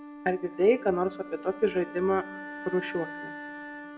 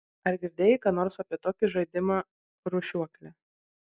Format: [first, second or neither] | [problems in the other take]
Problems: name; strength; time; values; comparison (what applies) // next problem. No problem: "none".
second | background sound (Wind instrument, woodwind instrument); 12 dB below the speech // room echo; dies away in 1.6 s